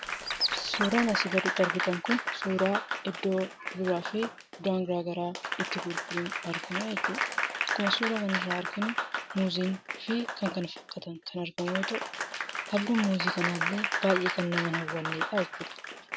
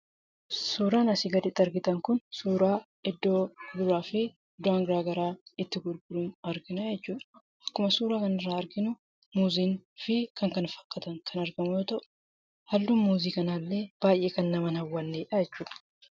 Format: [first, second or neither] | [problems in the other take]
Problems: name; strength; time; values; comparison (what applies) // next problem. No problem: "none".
second | background sound (Chirp, tweet + Applause); 2 dB below the speech